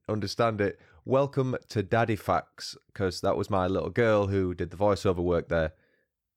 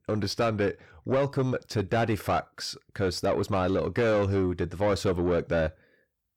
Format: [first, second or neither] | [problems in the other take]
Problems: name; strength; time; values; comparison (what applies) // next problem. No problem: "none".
first | distortion; slight; 10 dB below the speech